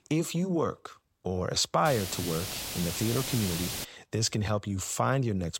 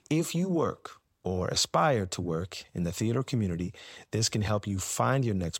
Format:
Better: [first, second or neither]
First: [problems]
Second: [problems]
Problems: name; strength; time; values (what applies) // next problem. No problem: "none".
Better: second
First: hiss; loud; from 2 to 4 s; 4 dB below the speech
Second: none